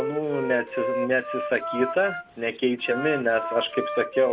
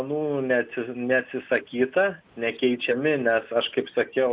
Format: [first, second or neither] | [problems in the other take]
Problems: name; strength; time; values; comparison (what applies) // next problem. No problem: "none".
second | background sound (Wind instrument, woodwind instrument); 5 dB below the speech